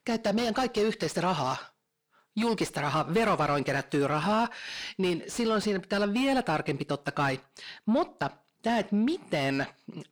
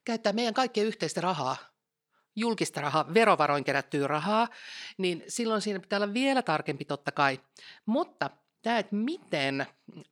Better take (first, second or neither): second